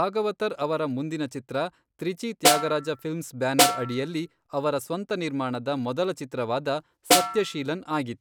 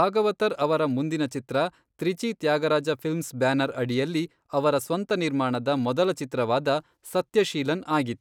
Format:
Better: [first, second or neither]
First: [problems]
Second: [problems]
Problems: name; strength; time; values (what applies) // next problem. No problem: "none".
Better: second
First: background sound (Snare drum); 3 dB above the speech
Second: none